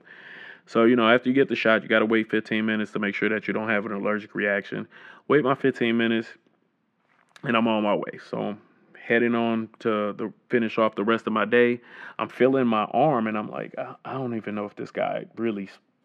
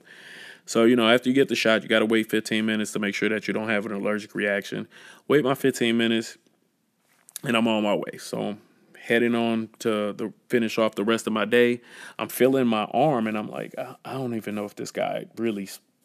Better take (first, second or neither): second